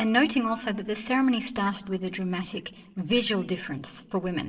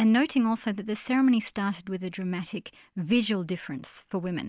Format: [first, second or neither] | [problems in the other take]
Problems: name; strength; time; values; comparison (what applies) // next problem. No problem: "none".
second | noise reduction (neural separator model SepFormer DNS4)